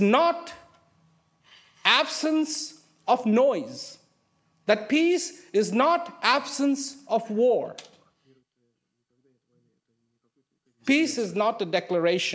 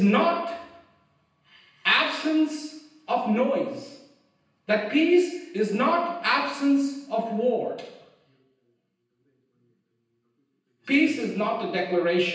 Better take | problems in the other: first | room echo; dies away in 0.9 s

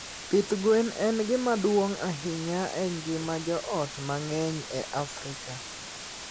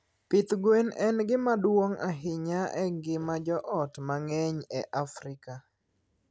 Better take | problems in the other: second | background sound (Water); 11 dB below the speech

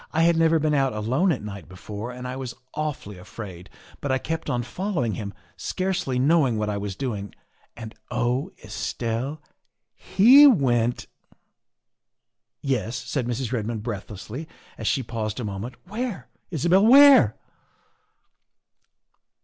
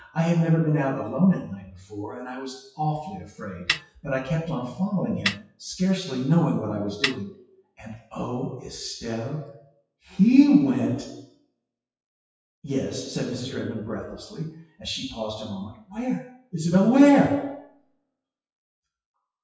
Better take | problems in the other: first | noise reduction (classical method WPE with log-MMSE)

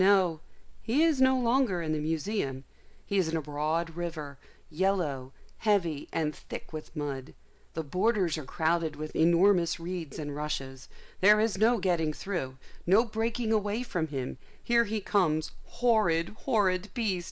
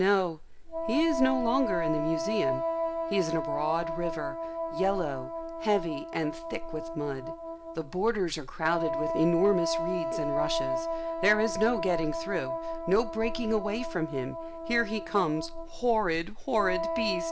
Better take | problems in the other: first | background sound (Wind instrument, woodwind instrument); 4 dB below the speech

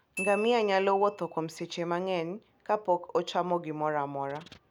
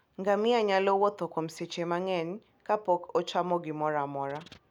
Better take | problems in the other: second | background sound (Glockenspiel); 15 dB below the speech

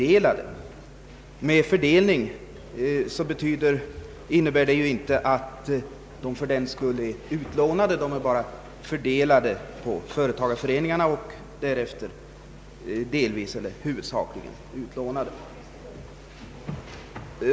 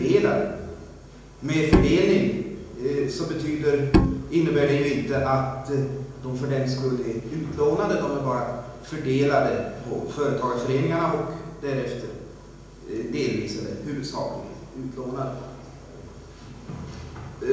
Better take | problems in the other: first | background sound (Bowed string instrument); 2 dB above the speech // room echo; dies away in 1 s

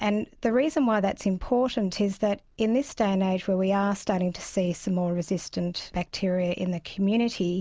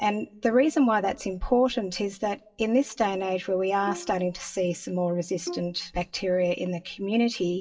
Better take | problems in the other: first | noise reduction (classical method WPE with log-MMSE)

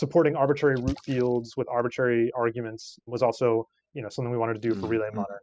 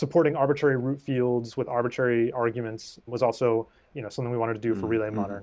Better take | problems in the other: second | noise reduction (classical method spectral subtraction)

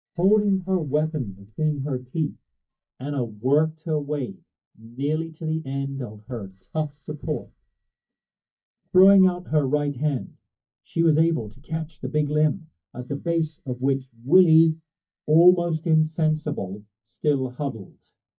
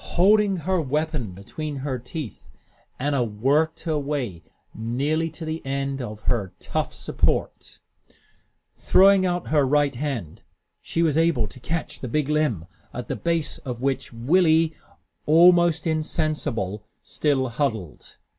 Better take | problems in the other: second | noise reduction (neural mask model DeepFilterNet 3)

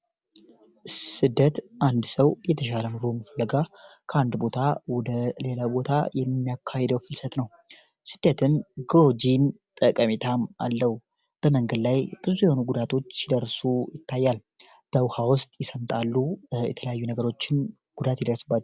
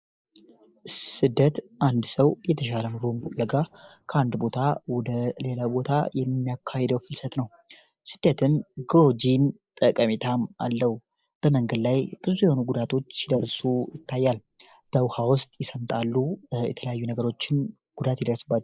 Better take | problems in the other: first | noise reduction (neural mask model Resemble Enhance denoiser)

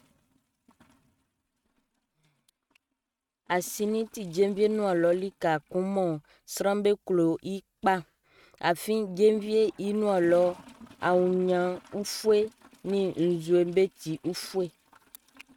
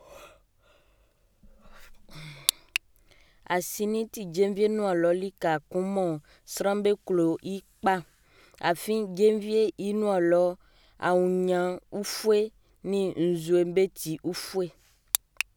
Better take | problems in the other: second | noise reduction (neural mask model RNNoise)

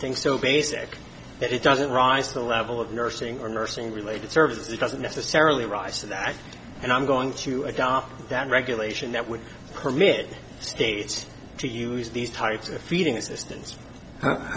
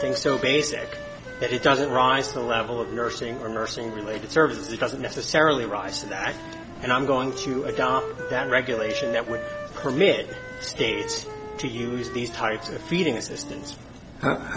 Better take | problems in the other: first | background sound (Wind instrument, woodwind instrument); 10 dB below the speech

